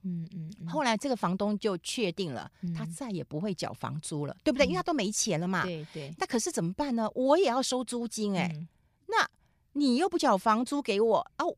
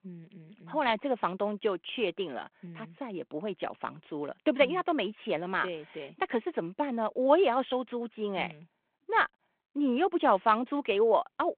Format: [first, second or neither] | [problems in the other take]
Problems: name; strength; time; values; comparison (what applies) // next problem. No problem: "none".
first | phone-call audio